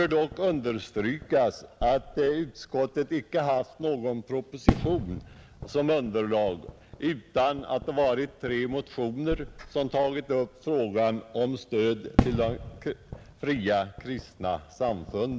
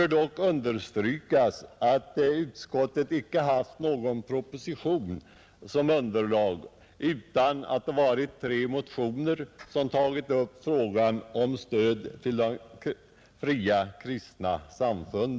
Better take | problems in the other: second | background sound (Fireworks); 8 dB below the speech

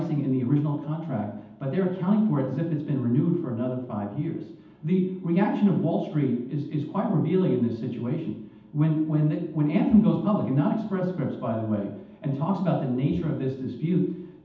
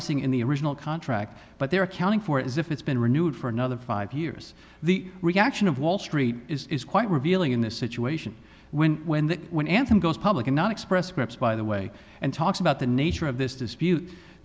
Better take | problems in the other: second | room echo; dies away in 0.8 s

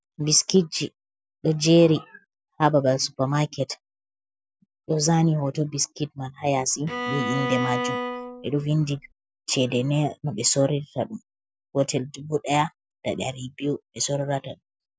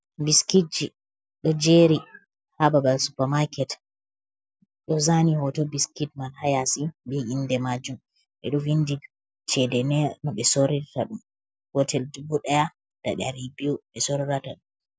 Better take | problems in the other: second | background sound (Bowed string instrument); 5 dB below the speech

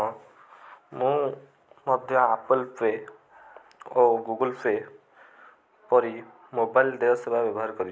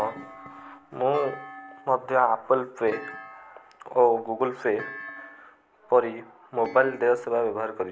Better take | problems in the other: first | background sound (Thump, thud); 18 dB below the speech

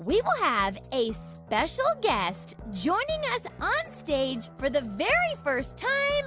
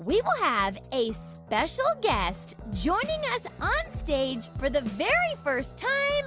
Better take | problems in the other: first | background sound (Drum kit); 11 dB below the speech

